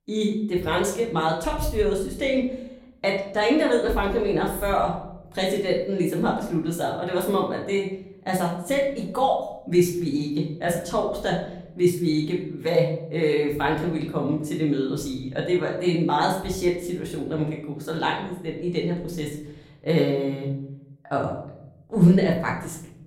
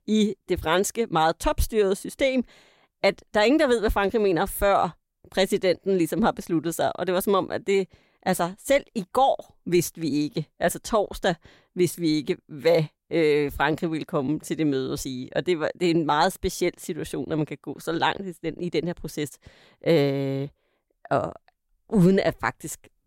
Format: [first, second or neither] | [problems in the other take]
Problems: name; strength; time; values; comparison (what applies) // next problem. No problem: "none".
second | room echo; slight; dies away in 0.7 s // off-mic speech; far